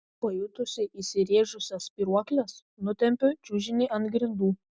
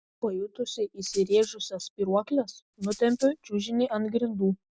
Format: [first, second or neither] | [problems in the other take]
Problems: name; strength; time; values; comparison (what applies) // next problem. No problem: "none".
first | background sound (Rattle (instrument)); 18 dB below the speech